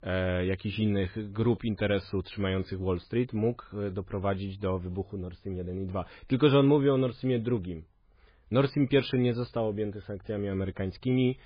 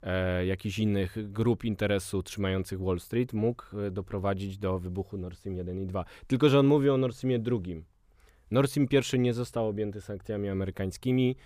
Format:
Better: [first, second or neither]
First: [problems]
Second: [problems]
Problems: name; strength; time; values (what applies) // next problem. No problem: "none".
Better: second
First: garbled, watery; badly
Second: none